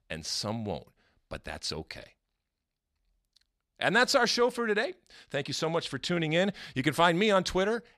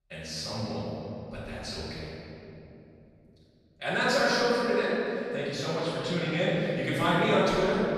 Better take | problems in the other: first | off-mic speech; far // room echo; strong; dies away in 3 s

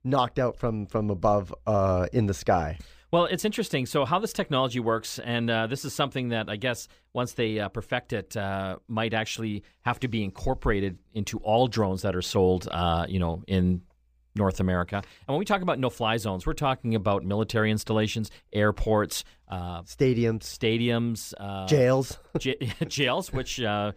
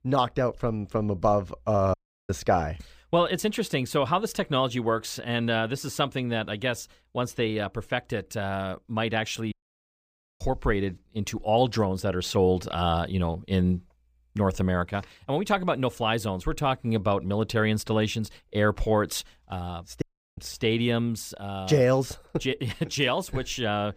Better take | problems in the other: first | audio cutting out; at 2 s, at 9.5 s for 1 s and at 20 s

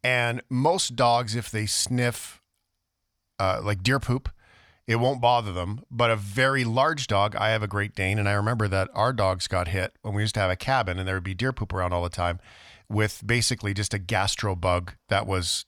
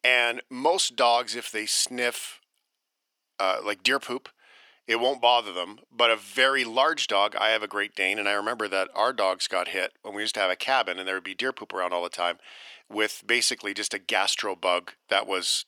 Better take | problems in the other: first | thin; very; fading below 350 Hz

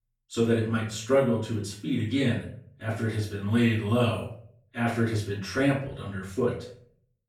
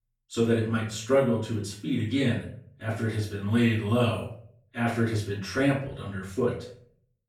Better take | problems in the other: neither | room echo; noticeable; dies away in 0.4 s; the same in both // off-mic speech; far; the same in both

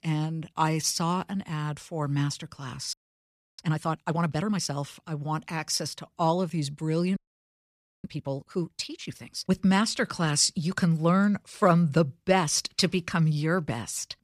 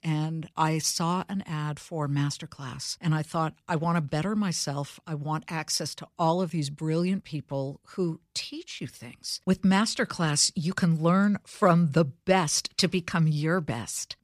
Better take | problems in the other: second | audio freezing; at 3 s for 0.5 s and at 7 s for 1 s

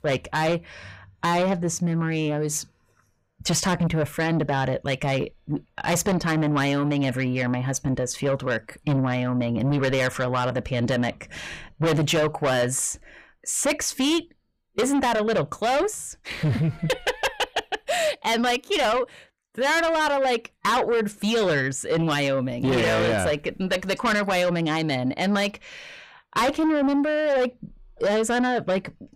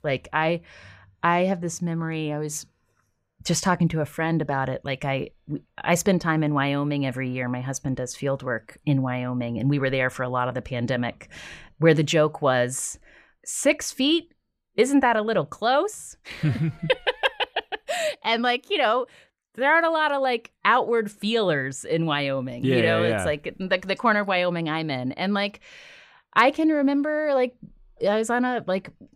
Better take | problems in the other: second | distortion; heavy; 7 dB below the speech

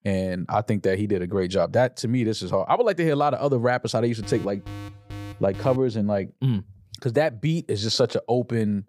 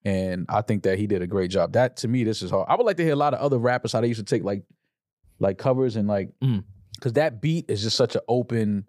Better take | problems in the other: second | alarm; faint; from 4 to 6 s; peak 15 dB below the speech

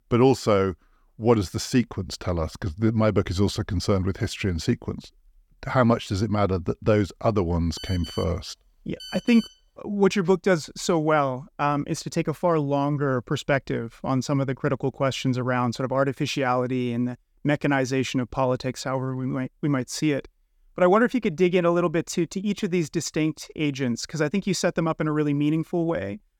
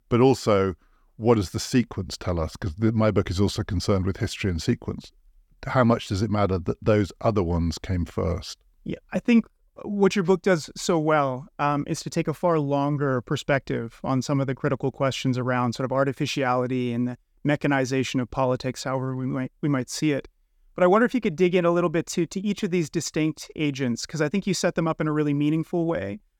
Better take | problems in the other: second | phone ringing; faint; from 8 to 9.5 s; peak 10 dB below the speech

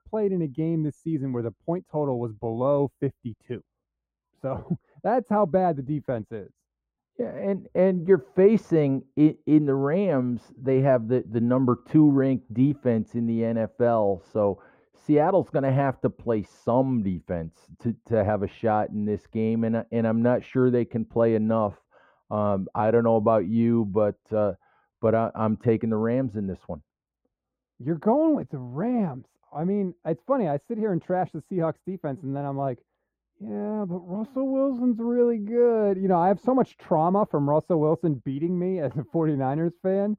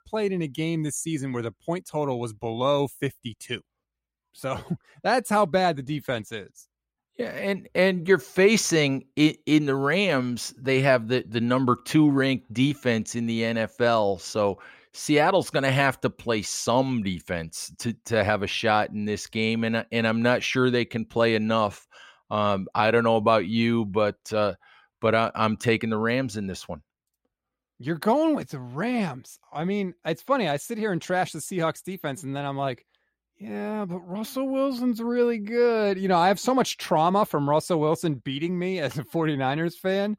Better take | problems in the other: second | muffled; very; fading above 2 kHz

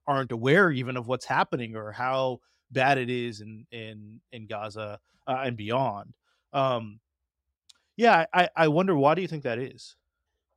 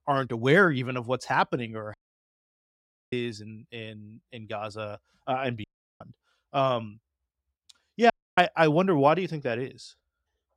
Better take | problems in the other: first | audio cutting out; at 2 s for 1 s, at 5.5 s and at 8 s

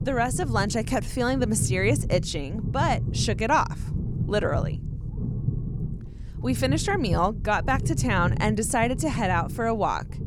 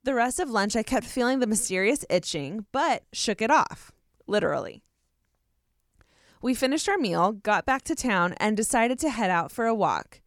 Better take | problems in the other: second | low rumble; noticeable; throughout; 15 dB below the speech

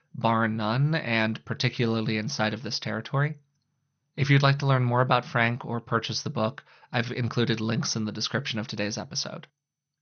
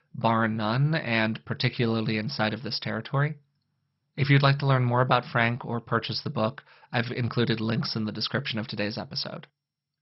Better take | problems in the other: first | garbled, watery; badly; nothing above 5.5 kHz; slightly in the first

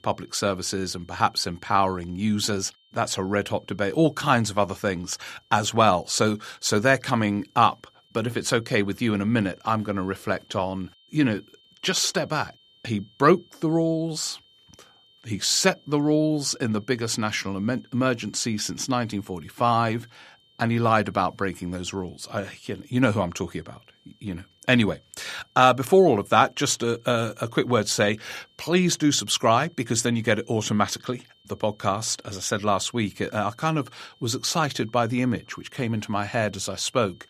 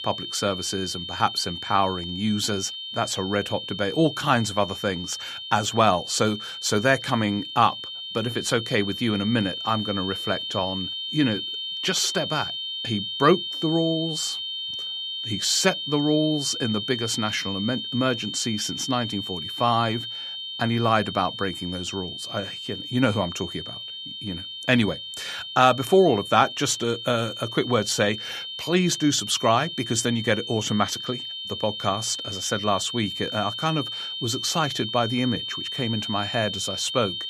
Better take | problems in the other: first | high-pitched whine; loud; throughout; 3 kHz, 6 dB below the speech; faint in the first

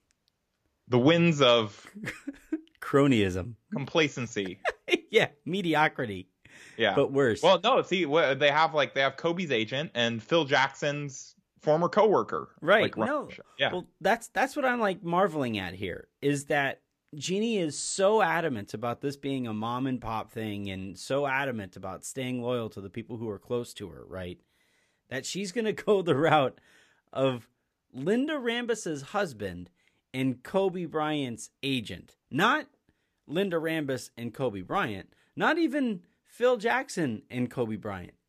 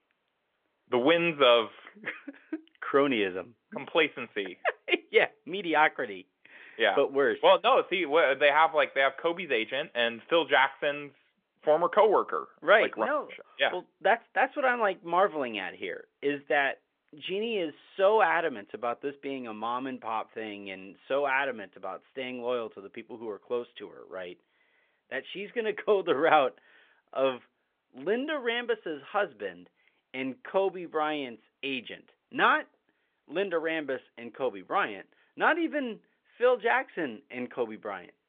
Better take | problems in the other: first | phone-call audio; nothing above 3.5 kHz

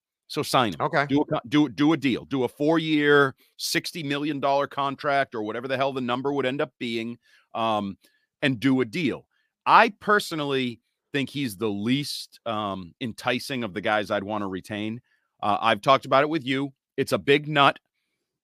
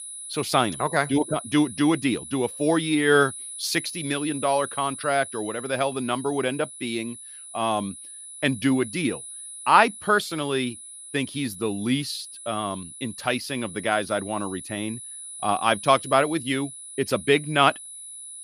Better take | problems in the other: first | high-pitched whine; noticeable; throughout; 10 kHz, 10 dB below the speech

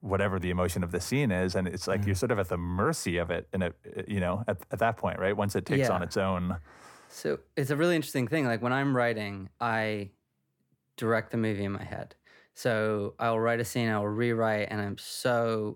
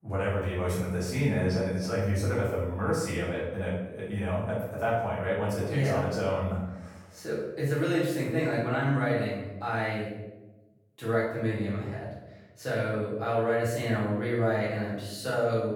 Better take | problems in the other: first | off-mic speech; far // room echo; noticeable; dies away in 0.9 s

